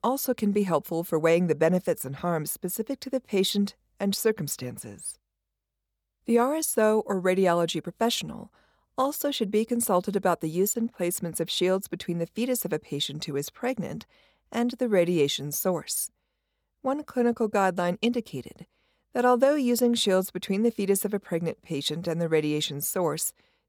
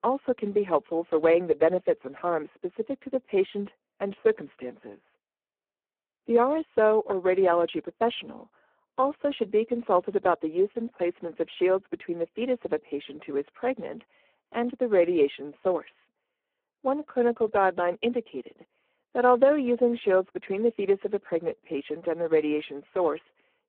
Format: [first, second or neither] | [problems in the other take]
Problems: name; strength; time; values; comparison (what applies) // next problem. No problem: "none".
first | phone-call audio; poor line